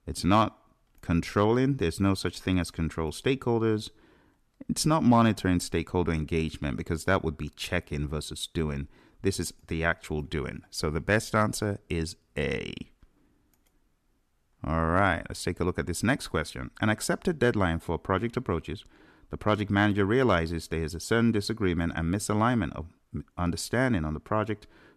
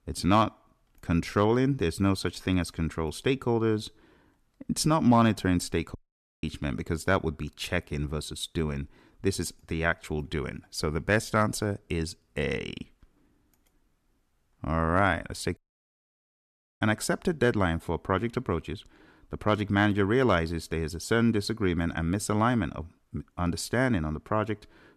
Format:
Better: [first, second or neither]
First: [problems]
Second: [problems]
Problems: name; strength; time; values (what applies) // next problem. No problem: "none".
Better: first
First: none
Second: audio cutting out; at 6 s and at 16 s for 1 s